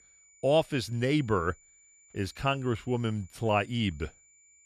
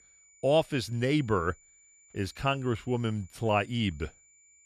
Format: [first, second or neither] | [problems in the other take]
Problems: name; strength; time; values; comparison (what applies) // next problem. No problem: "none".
neither | high-pitched whine; faint; throughout; 7 kHz, 30 dB below the speech; the same in both